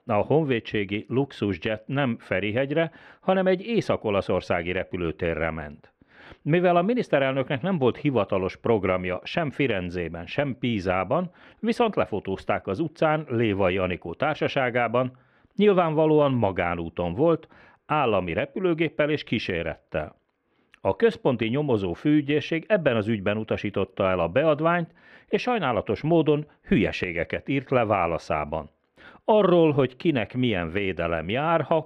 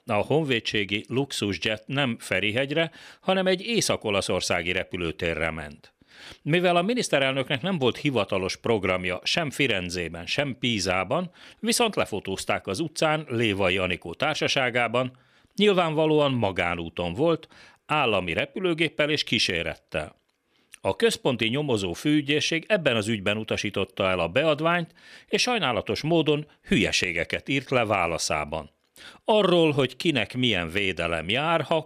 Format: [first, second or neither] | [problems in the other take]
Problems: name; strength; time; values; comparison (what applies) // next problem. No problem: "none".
second | muffled; very; fading above 4 kHz